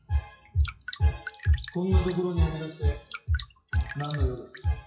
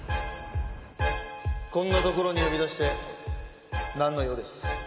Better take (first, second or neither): second